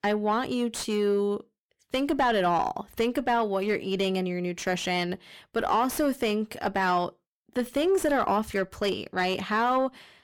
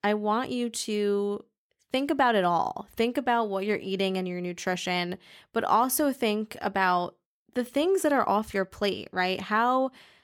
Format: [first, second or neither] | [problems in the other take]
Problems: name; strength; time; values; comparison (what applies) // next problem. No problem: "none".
second | distortion; slight; 10 dB below the speech